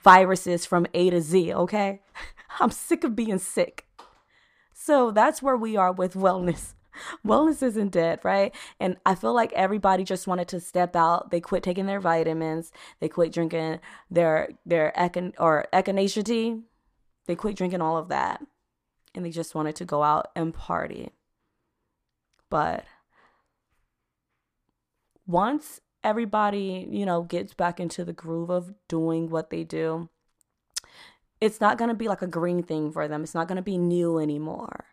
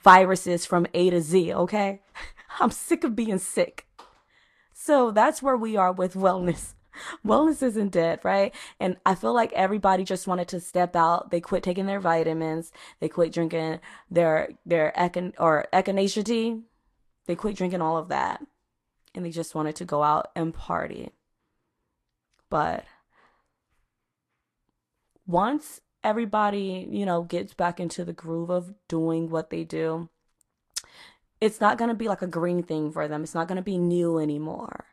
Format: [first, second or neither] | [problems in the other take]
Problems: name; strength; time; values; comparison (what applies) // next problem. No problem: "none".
first | garbled, watery; slightly; nothing above 12.5 kHz